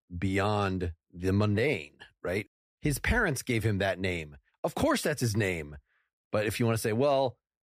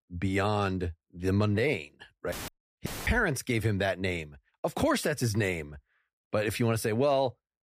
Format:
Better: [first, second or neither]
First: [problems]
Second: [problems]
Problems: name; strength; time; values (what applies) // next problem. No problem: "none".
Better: first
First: none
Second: audio cutting out; filled with static; at 2.5 s and at 3 s